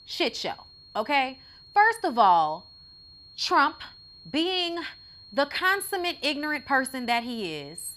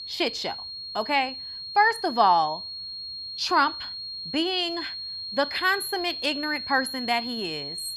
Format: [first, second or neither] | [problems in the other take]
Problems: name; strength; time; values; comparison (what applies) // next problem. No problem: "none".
first | high-pitched whine; loud; throughout; 4.5 kHz, 7 dB below the speech; faint in the first